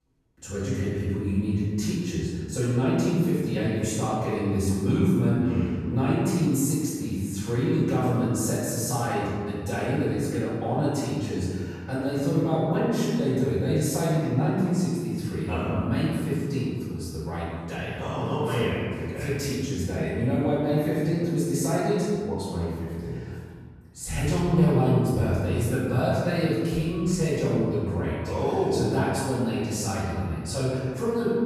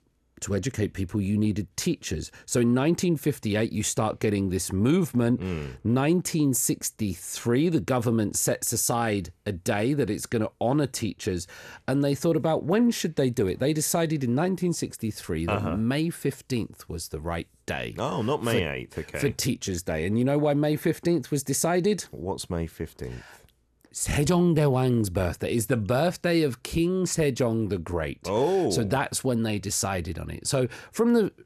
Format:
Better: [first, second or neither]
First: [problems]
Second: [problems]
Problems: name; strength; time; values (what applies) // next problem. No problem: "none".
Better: second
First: off-mic speech; far // room echo; strong; dies away in 1.9 s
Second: none